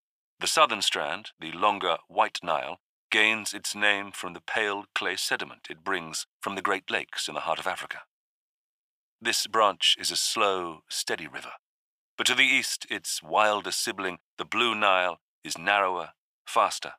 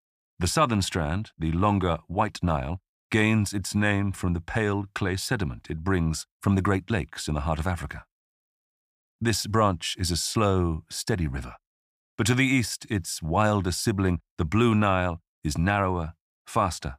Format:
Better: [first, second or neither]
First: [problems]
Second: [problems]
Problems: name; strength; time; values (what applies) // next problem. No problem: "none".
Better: second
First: thin; very; fading below 600 Hz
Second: none